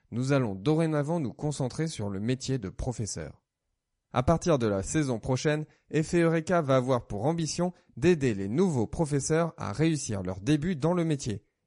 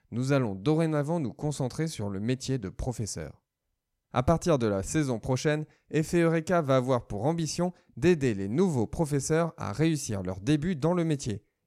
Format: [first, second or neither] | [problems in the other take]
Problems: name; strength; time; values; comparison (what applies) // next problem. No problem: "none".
second | garbled, watery; slightly; nothing above 10.5 kHz